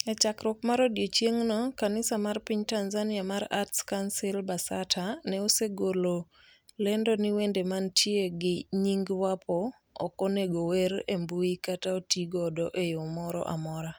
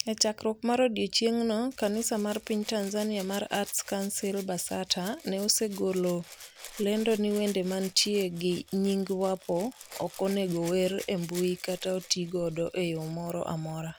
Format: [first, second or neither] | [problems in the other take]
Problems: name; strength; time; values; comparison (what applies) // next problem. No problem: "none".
first | background sound (Rattle (instrument)); 19 dB below the speech